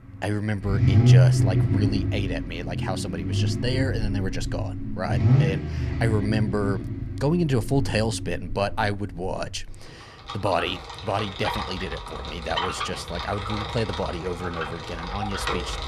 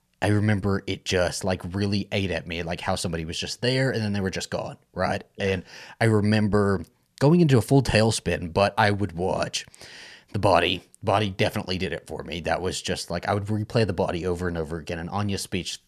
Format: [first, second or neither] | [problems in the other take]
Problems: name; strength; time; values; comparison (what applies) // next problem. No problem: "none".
second | traffic noise; very loud; throughout; 3 dB above the speech